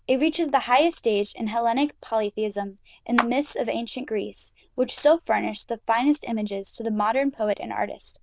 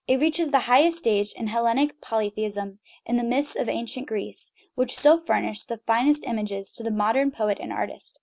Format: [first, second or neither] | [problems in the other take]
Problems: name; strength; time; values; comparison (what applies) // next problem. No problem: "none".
second | noise reduction (neural diffusion model UNIVERSE++)